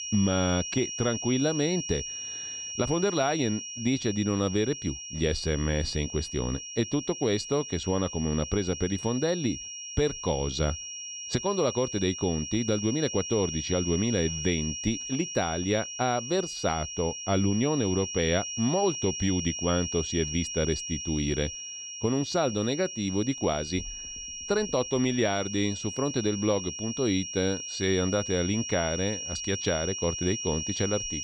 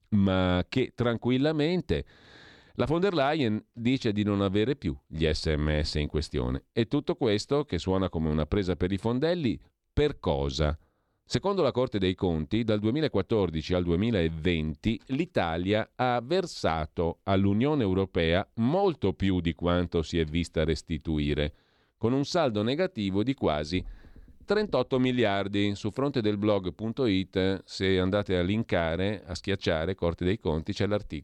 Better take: second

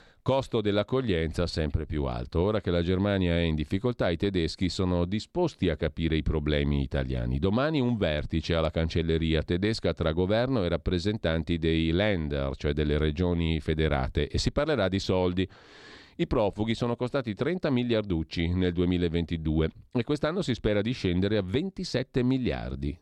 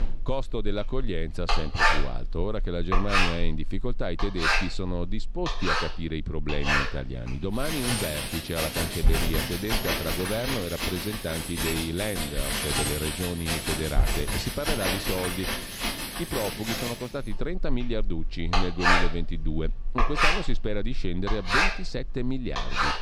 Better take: first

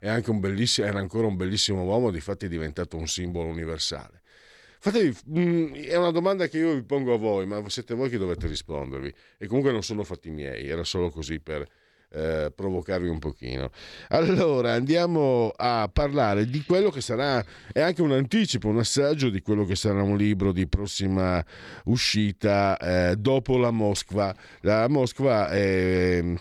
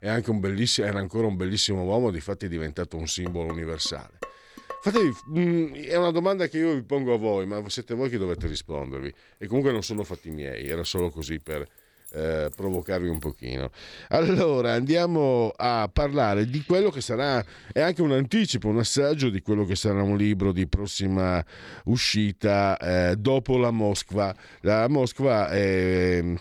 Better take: first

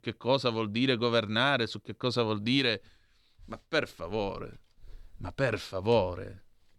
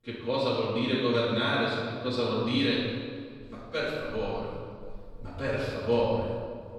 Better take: first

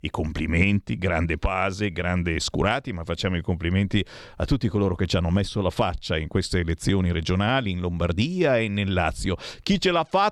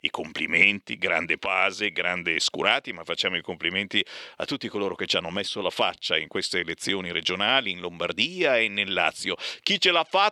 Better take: first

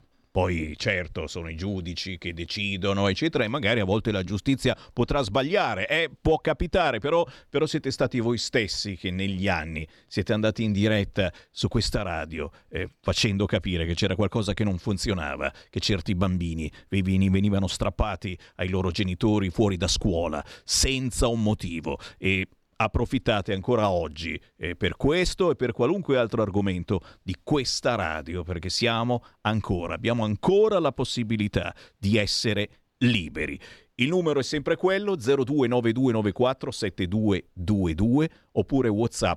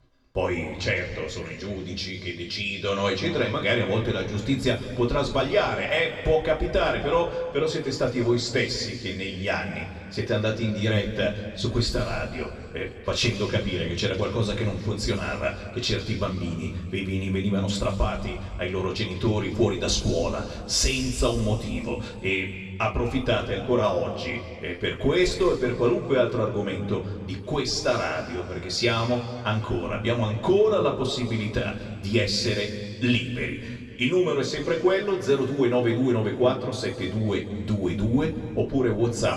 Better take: first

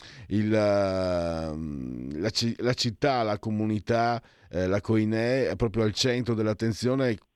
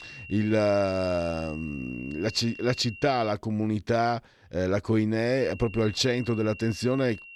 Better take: first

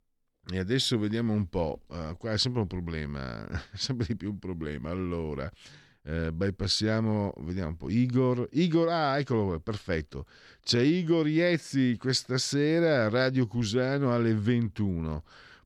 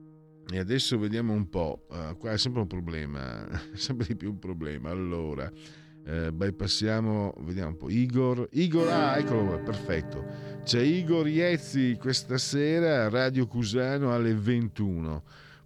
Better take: first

